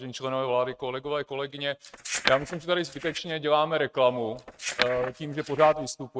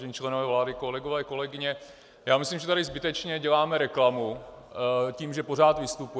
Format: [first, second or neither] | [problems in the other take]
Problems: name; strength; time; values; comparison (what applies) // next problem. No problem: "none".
second | noise reduction (neural mask model RNNoise)